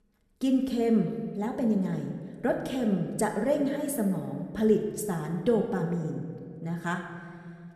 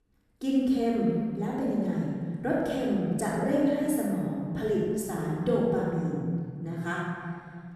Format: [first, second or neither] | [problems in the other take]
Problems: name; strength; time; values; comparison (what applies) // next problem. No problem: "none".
first | room echo; strong; dies away in 2.3 s; slight in the first // off-mic speech; far